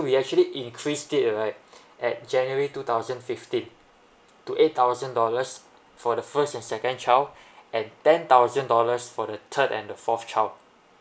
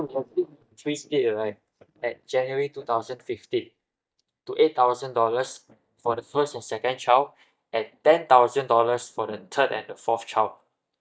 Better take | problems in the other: first | noise reduction (neural mask model DeepFilterNet 3)

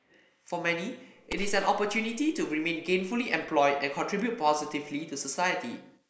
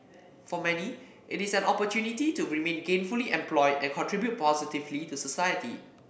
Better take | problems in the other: second | noise reduction (neural mask model Resemble Enhance denoiser)

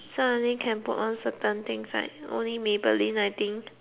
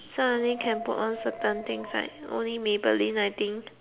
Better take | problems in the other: first | background sound (Dog); 14 dB below the speech

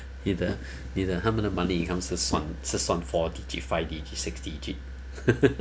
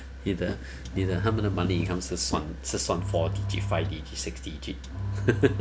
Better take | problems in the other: first | background sound (Engine); 4 dB below the speech

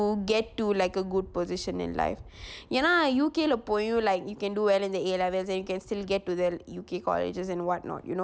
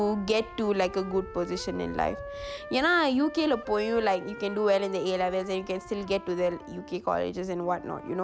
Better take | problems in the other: first | background sound (Wind instrument, woodwind instrument); 14 dB below the speech

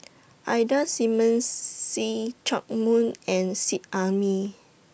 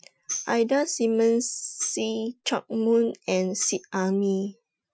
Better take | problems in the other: first | noise reduction (classical method Wiener filter)

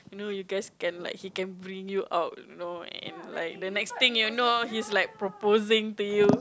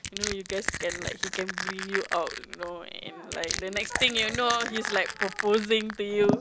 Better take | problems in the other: first | background sound (Crushing); 6 dB below the speech

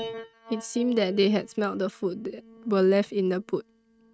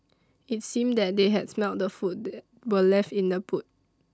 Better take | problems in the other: second | noise reduction (neural mask model RNNoise)

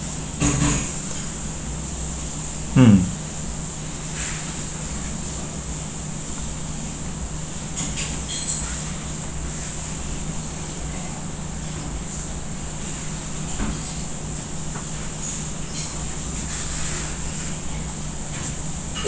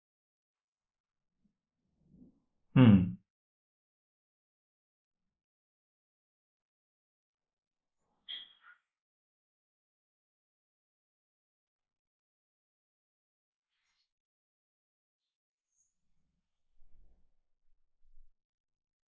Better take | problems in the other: first | noise reduction (neural mask model Resemble Enhance denoiser)

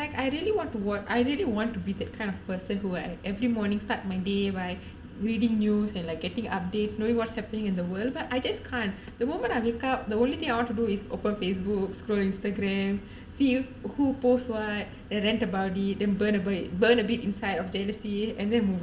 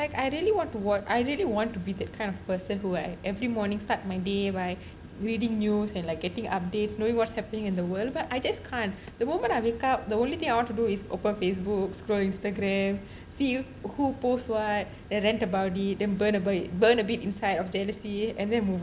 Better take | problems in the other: second | room echo; dies away in 0.4 s

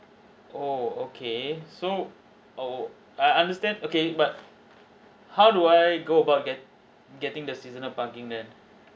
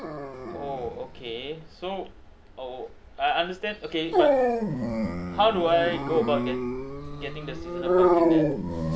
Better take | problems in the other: first | background sound (Dog); 3 dB above the speech

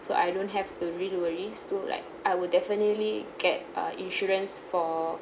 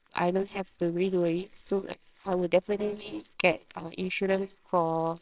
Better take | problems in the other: first | noise reduction (neural separator model SepFormer WHAMR!)

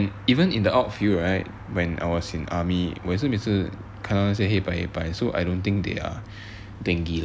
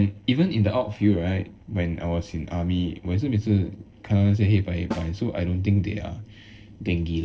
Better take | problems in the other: first | noise reduction (neural separator model SepFormer DNS4)

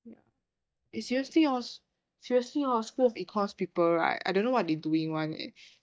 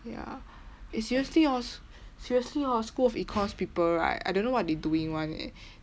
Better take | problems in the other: second | noise reduction (neural mask model DeepFilterNet 3)

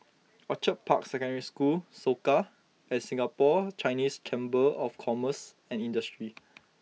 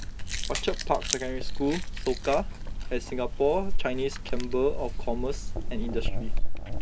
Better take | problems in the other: first | background sound (Chewing, mastication); 4 dB above the speech

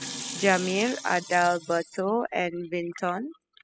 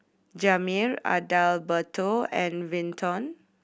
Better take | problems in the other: second | noise reduction (classical method spectral subtraction)

